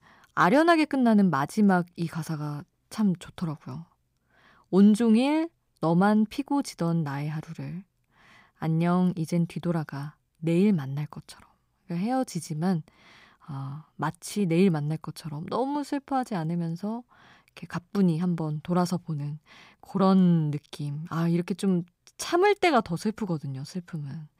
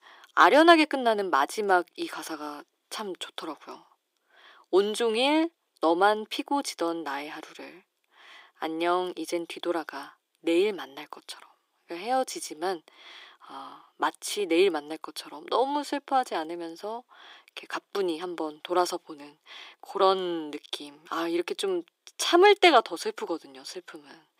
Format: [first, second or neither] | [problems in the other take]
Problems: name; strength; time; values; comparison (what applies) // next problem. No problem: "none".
first | thin; very; fading below 350 Hz